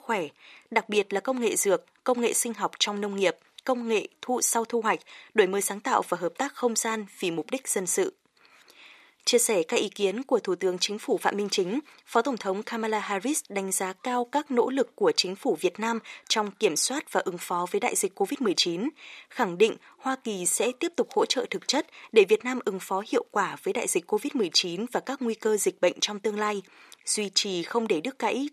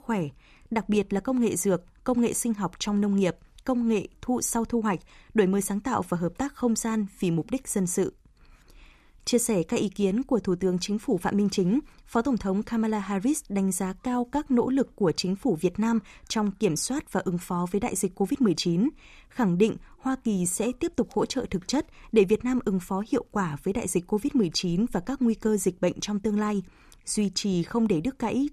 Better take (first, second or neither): second